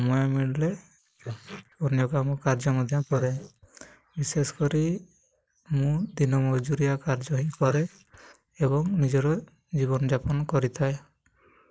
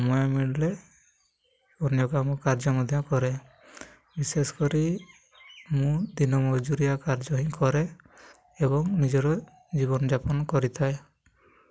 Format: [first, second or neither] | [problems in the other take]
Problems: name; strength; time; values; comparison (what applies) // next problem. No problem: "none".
second | noise reduction (neural mask model Resemble Enhance denoiser)